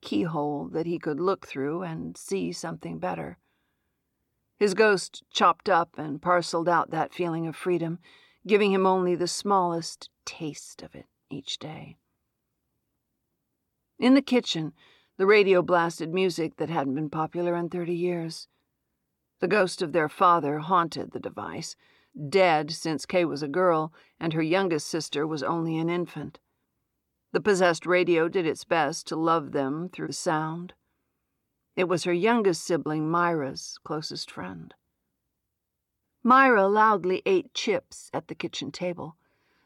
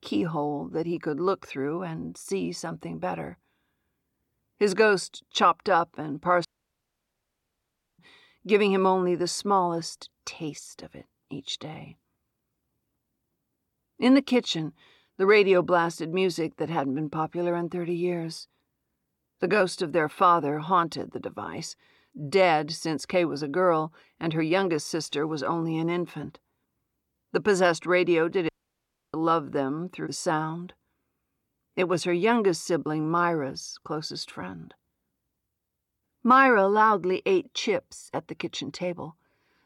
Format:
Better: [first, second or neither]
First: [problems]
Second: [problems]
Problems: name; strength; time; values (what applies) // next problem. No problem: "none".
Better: first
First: none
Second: audio cutting out; at 6.5 s for 1.5 s and at 28 s for 0.5 s